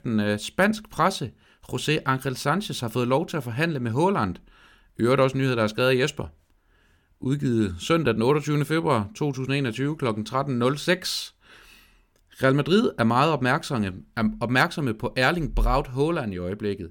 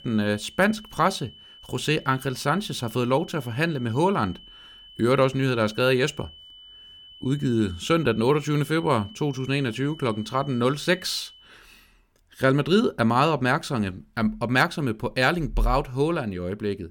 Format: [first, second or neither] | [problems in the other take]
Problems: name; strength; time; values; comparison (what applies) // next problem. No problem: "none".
first | high-pitched whine; faint; until 11 s; 3 kHz, 20 dB below the speech